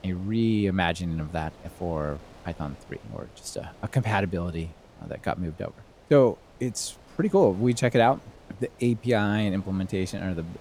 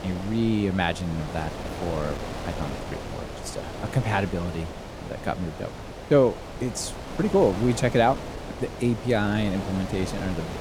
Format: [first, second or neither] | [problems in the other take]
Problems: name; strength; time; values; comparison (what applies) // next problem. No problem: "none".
first | wind noise on the microphone; heavy; 9 dB below the speech; occasional gusts in the first